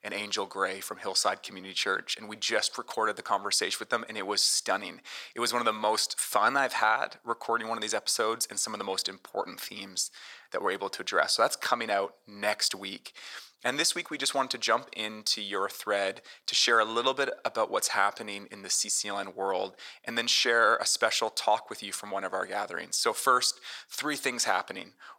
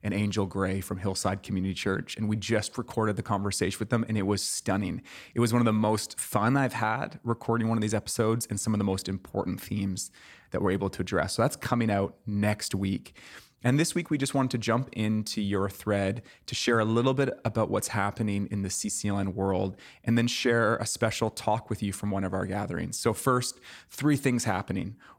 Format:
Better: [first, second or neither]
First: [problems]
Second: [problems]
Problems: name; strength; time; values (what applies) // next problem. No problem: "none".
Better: second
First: thin; very; fading below 650 Hz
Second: none